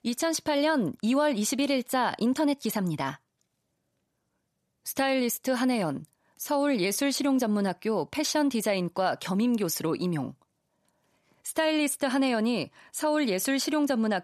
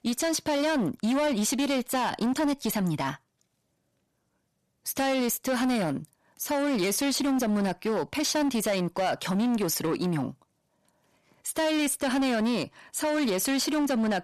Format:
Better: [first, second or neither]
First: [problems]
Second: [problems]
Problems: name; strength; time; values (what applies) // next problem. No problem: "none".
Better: first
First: none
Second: distortion; slight; 18% of the sound clipped